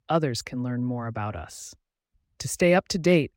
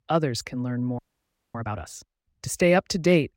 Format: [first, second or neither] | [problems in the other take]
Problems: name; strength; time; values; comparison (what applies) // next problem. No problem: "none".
first | audio freezing; at 1 s for 0.5 s